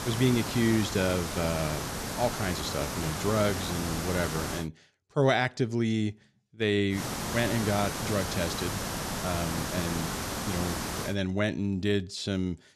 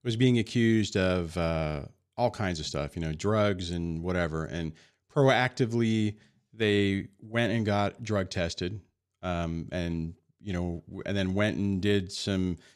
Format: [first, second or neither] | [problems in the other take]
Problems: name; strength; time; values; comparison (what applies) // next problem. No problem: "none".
second | hiss; loud; until 4.5 s and from 7 to 11 s; 3 dB below the speech